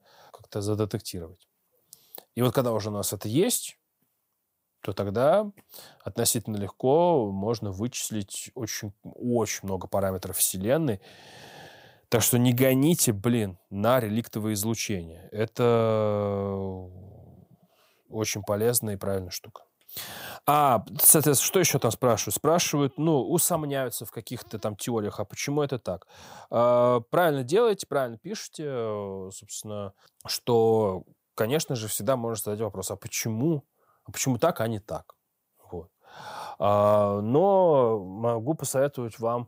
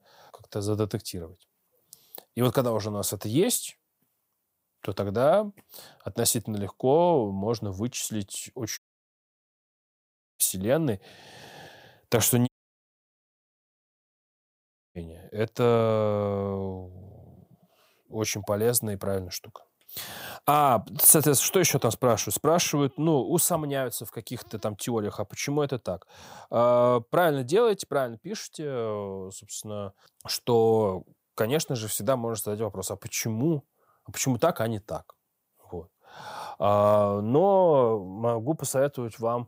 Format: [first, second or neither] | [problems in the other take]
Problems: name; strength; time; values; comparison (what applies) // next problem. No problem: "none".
first | audio cutting out; at 9 s for 1.5 s and at 12 s for 2.5 s